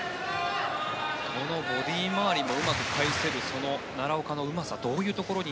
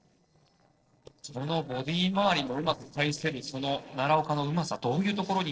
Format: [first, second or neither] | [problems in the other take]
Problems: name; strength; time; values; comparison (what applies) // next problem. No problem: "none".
first | noise reduction (neural separator model SepFormer DNS4)